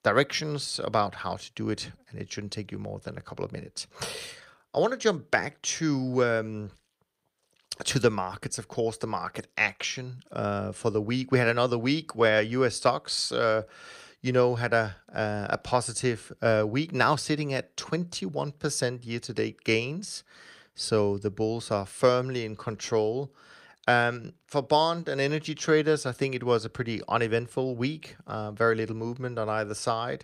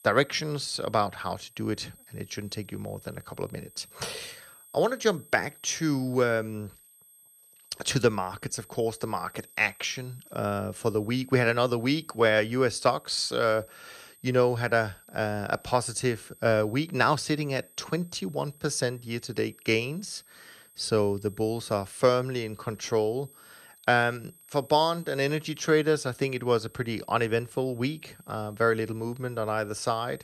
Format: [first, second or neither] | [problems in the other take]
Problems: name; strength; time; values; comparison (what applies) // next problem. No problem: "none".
first | high-pitched whine; faint; throughout; 8.5 kHz, 25 dB below the speech